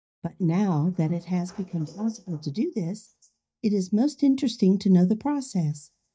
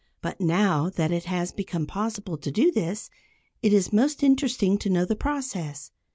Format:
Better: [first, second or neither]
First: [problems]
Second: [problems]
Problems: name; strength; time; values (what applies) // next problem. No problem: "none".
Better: second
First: noise reduction (neural mask model DeepFilterNet 3)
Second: none